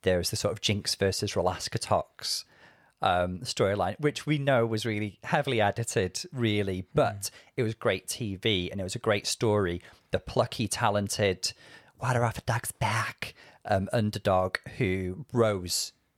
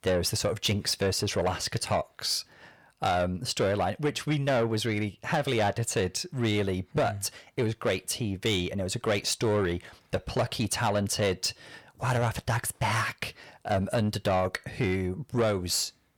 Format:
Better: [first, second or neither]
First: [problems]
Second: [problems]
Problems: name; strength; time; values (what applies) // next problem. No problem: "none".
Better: first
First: none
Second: distortion; slight; 10 dB below the speech